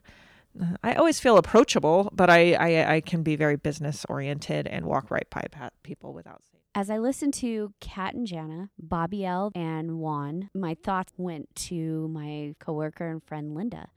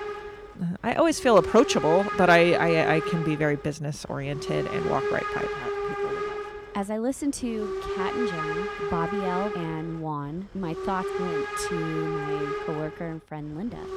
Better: first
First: none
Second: hiss; loud; throughout; 4 dB below the speech

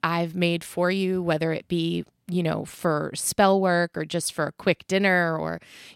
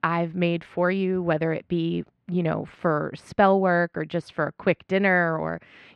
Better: first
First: none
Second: muffled; very; fading above 2 kHz

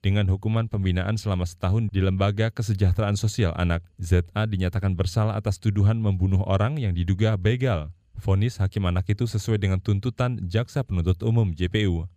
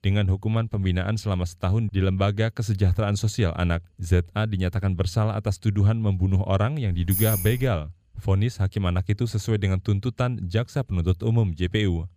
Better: first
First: none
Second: jangling keys; noticeable; at 7 s; peak 1 dB below the speech

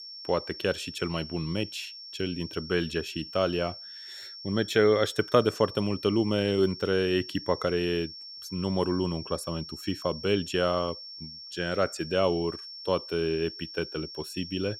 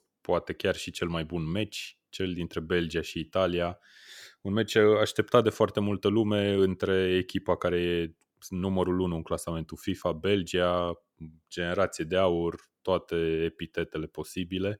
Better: second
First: high-pitched whine; noticeable; throughout; 5.5 kHz, 10 dB below the speech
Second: none

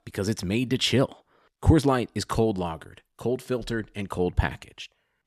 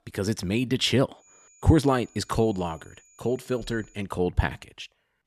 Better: first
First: none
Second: high-pitched whine; faint; from 1 to 4 s; 7 kHz, 30 dB below the speech

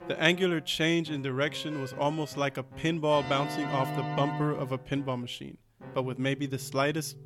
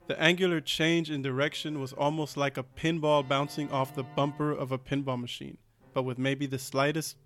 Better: second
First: background music; loud; throughout; 10 dB below the speech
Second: background music; faint; throughout; 25 dB below the speech

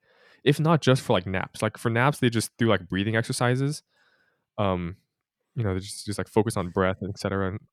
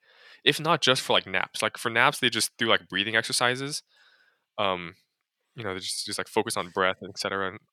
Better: first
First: none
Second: thin; somewhat; fading below 850 Hz

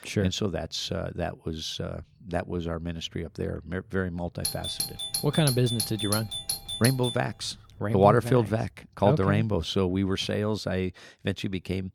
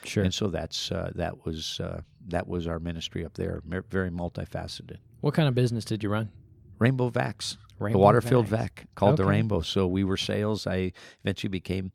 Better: second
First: doorbell; noticeable; from 4.5 to 7 s; peak 1 dB below the speech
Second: none

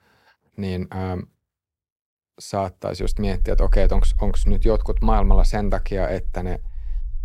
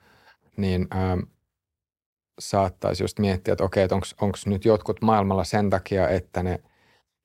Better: second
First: low rumble; faint; from 3 s on; 25 dB below the speech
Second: none

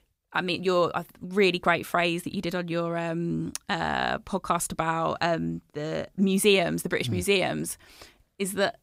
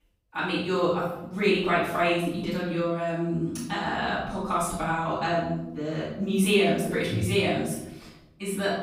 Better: first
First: none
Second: off-mic speech; far // room echo; noticeable; dies away in 0.8 s

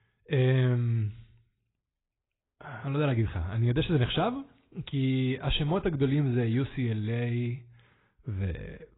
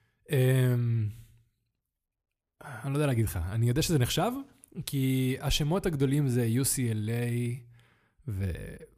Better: second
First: garbled, watery; badly; nothing above 4 kHz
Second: none

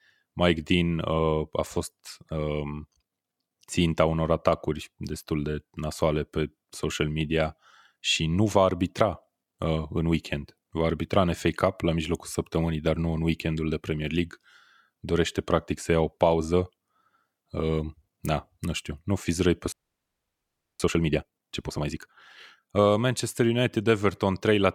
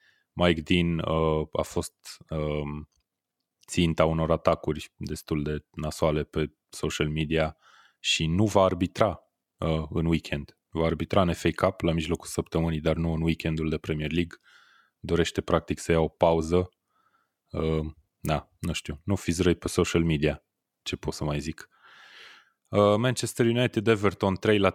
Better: second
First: audio freezing; at 20 s for 1 s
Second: none

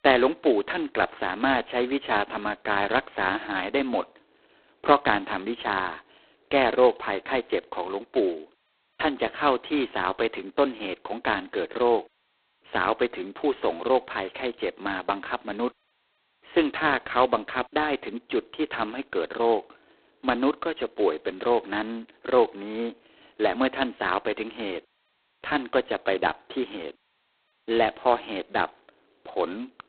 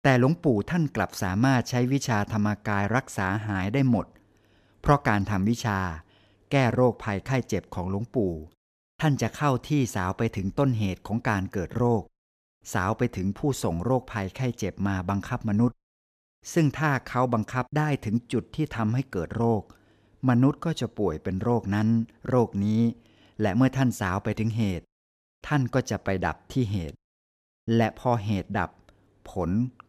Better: second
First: phone-call audio; poor line; nothing above 4 kHz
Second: none

